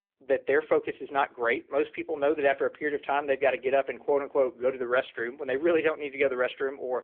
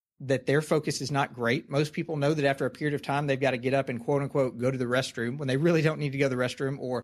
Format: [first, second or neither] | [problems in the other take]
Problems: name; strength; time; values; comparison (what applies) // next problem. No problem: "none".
second | phone-call audio; poor line; nothing above 3.5 kHz